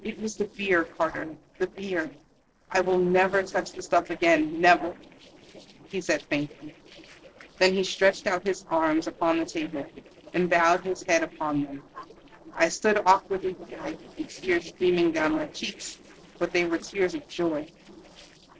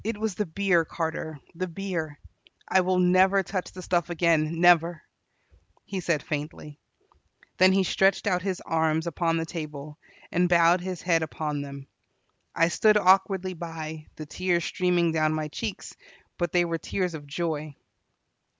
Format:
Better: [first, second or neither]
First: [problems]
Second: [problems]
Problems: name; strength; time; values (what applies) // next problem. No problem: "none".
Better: second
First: noise reduction (neural separator model SepFormer DNS4)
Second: none